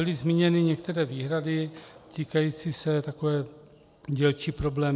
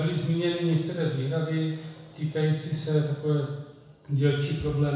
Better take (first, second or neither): first